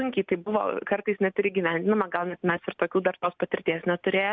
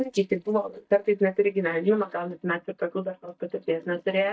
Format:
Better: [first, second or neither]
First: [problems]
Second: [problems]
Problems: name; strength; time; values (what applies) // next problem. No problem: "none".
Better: first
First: none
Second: noise reduction (neural mask model DeepFilterNet 3)